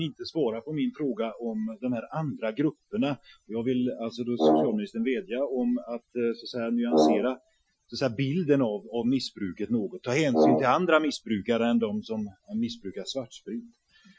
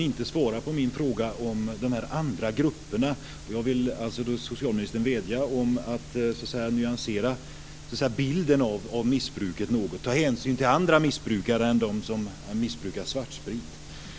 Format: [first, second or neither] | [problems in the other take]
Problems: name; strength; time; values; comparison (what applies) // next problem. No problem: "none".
second | noise reduction (classical method Wiener filter)